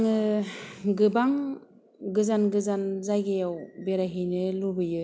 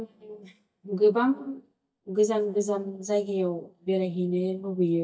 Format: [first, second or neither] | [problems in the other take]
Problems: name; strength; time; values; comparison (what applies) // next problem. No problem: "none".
first | noise reduction (neural mask model DeepFilterNet 3)